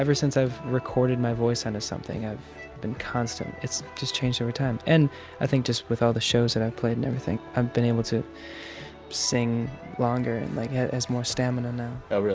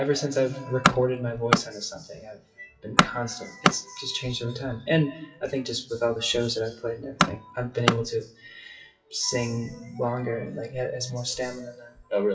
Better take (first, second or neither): first